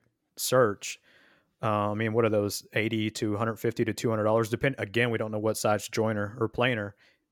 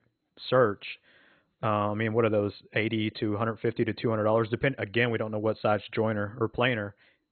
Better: first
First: none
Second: garbled, watery; badly; nothing above 4 kHz

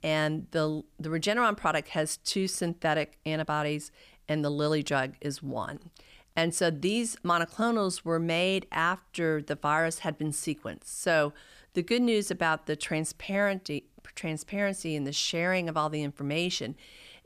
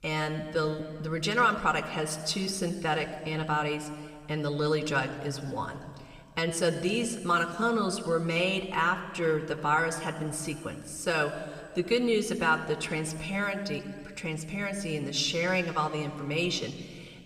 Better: first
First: none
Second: room echo; slight; dies away in 1.9 s

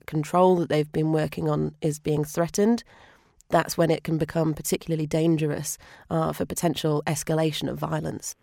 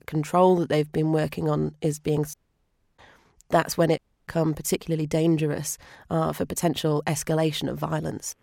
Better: first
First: none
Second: audio cutting out; at 2.5 s for 0.5 s and at 4 s

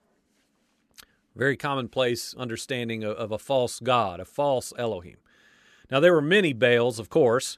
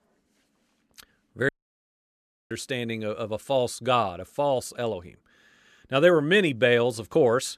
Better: first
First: none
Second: audio cutting out; at 1.5 s for 1 s

